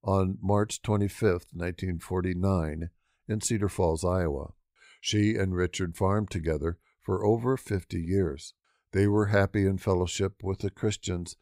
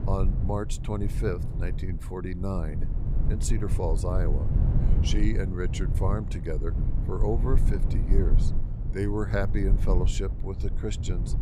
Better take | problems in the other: first | low rumble; loud; throughout; 8 dB below the speech

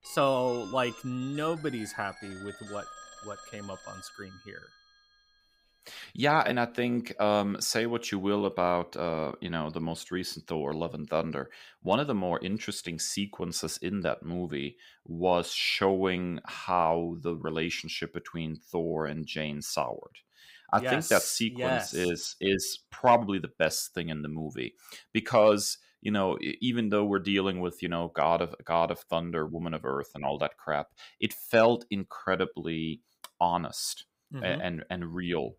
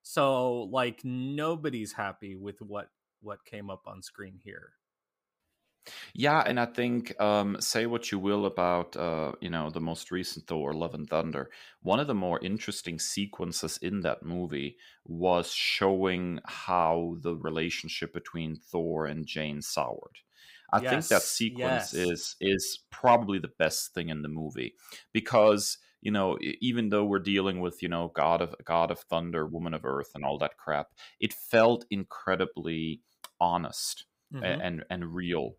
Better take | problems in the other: second | phone ringing; faint; until 5 s; peak 15 dB below the speech

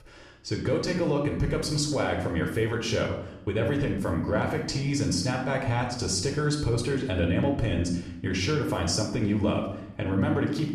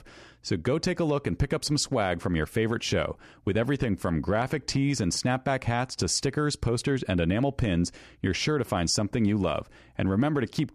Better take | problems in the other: second | room echo; noticeable; dies away in 0.6 s // off-mic speech; somewhat distant

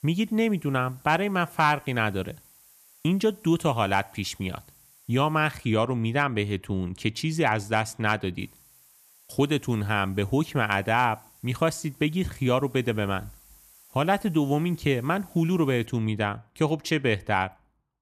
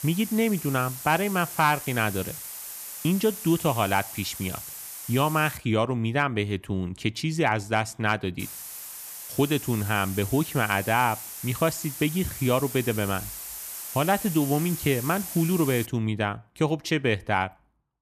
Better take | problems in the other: first | hiss; loud; until 5.5 s and from 8.5 to 16 s; 9 dB below the speech; faint in the first

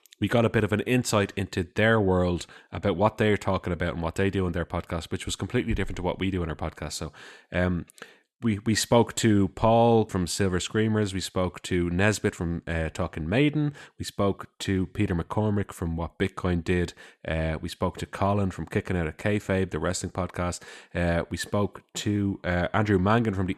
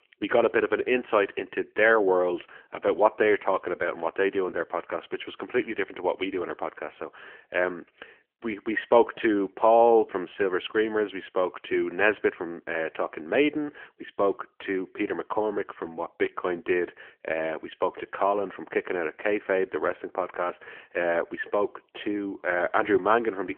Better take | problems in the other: first | phone-call audio; nothing above 3 kHz

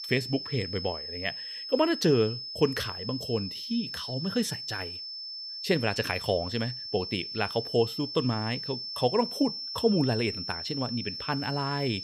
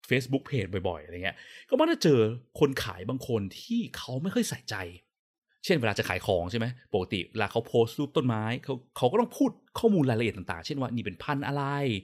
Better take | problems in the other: second | high-pitched whine; loud; throughout; 5.5 kHz, 5 dB below the speech

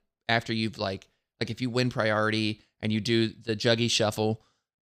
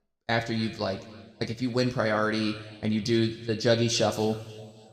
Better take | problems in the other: first | room echo; slight; dies away in 1.5 s

